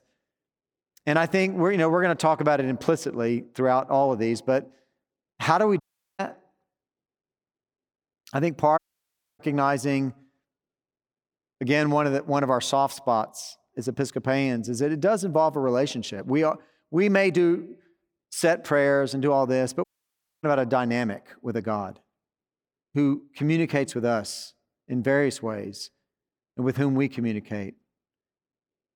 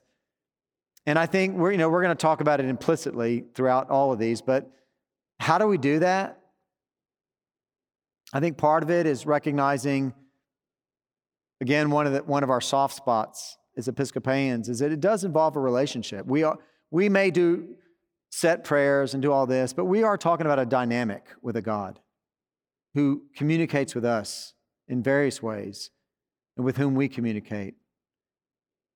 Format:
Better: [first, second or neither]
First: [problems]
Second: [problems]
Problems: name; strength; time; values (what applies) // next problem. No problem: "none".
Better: second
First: audio cutting out; at 6 s, at 9 s for 0.5 s and at 20 s for 0.5 s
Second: none